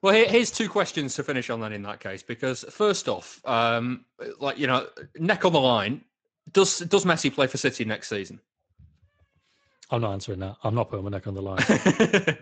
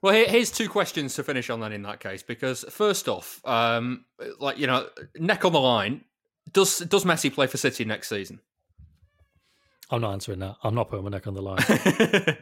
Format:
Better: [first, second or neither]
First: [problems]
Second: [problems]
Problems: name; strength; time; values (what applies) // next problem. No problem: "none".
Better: second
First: garbled, watery; slightly; nothing above 7.5 kHz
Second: none